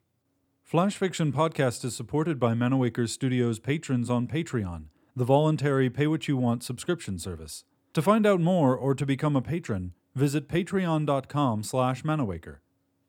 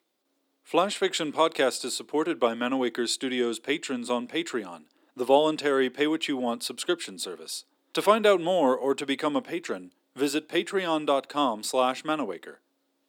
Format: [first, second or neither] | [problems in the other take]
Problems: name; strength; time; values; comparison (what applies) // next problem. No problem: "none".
first | thin; somewhat; fading below 300 Hz